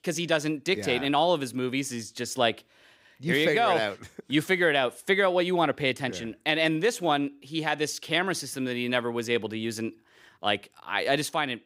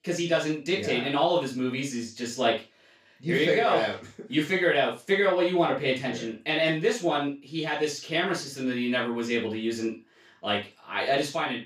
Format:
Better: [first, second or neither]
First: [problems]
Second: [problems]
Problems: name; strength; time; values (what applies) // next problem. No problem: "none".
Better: first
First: none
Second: room echo; noticeable; dies away in 0.2 s // off-mic speech; far